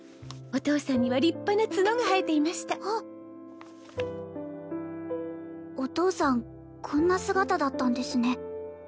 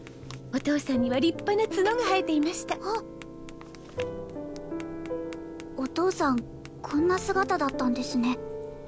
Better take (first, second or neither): first